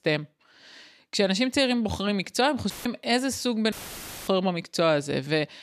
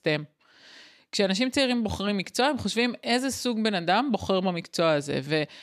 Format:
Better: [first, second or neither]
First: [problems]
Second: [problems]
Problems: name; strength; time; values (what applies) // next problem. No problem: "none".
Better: second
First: audio cutting out; filled with static; at 2.5 s and at 3.5 s for 0.5 s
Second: none